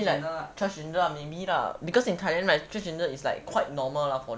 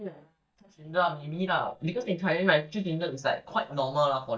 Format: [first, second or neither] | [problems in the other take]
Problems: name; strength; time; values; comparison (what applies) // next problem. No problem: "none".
first | noise reduction (neural mask model DeepFilterNet 3)